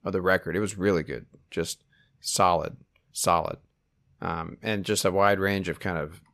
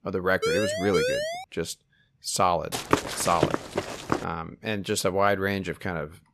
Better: first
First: none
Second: siren; loud; until 1.5 s; peak 2 dB above the speech // footsteps; loud; from 2.5 to 4 s; peak 1 dB above the speech

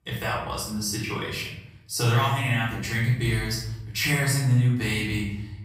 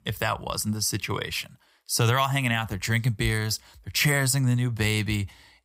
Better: second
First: off-mic speech; far // room echo; noticeable; dies away in 0.8 s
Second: none

